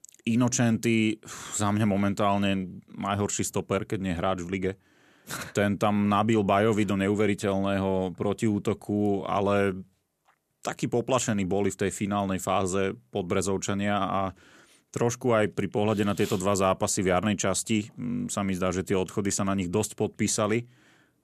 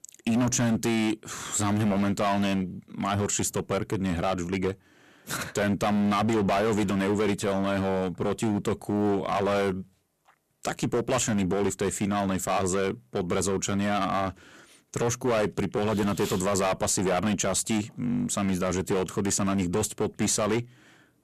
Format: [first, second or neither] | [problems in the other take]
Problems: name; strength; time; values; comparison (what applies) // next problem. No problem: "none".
first | distortion; heavy; 14% of the sound clipped